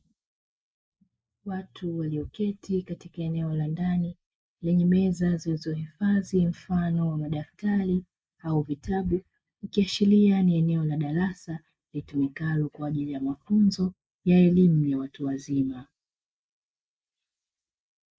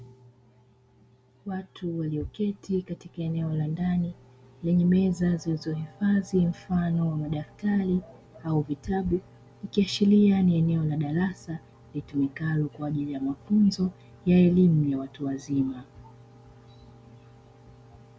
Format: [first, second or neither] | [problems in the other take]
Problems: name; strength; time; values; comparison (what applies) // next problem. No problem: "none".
second | noise reduction (neural mask model Resemble Enhance denoiser)